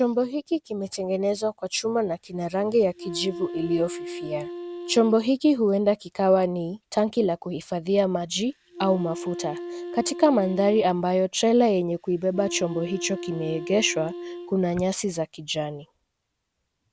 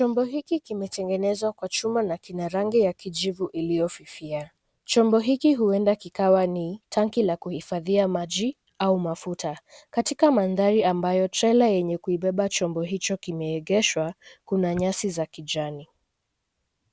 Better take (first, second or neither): second